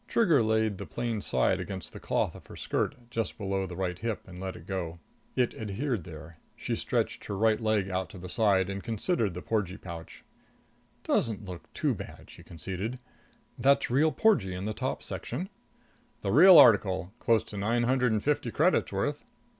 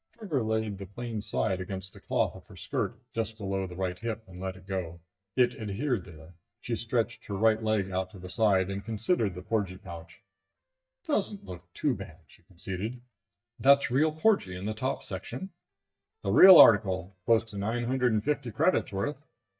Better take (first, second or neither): first